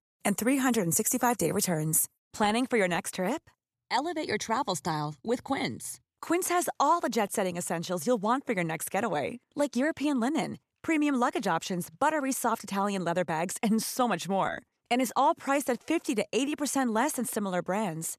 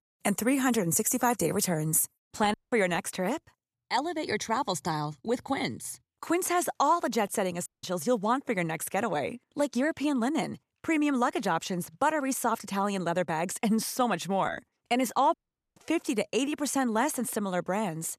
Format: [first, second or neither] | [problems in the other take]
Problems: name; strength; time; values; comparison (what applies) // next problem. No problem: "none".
first | audio cutting out; at 2.5 s, at 7.5 s and at 15 s